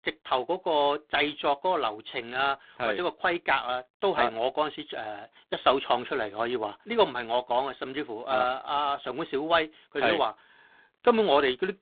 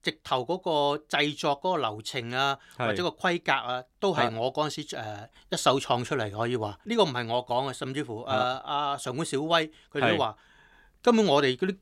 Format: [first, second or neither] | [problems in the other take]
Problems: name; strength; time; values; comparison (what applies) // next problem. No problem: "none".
second | phone-call audio; poor line; nothing above 3.5 kHz